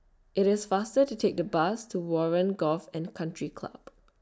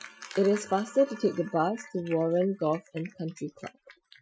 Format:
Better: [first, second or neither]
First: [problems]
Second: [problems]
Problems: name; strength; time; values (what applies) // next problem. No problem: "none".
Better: first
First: none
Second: noise reduction (classical method Wiener filter)